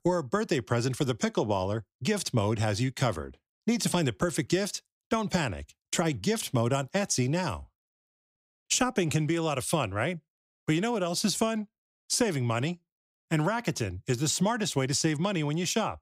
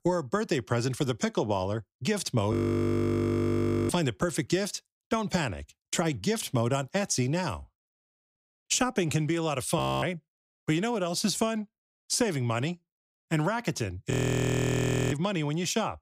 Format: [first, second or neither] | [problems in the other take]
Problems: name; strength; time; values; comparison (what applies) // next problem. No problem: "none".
first | audio freezing; at 2.5 s for 1.5 s, at 10 s and at 14 s for 1 s